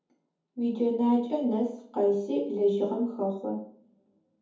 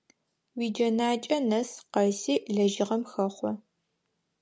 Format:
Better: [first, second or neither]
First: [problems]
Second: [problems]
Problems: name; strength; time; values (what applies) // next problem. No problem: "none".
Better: second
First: room echo; dies away in 0.6 s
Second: none